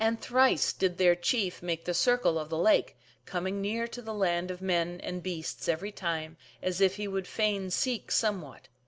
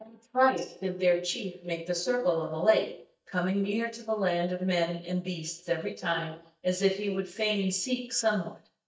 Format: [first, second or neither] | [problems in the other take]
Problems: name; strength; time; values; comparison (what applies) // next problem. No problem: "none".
first | noise reduction (neural mask model DeepFilterNet 3)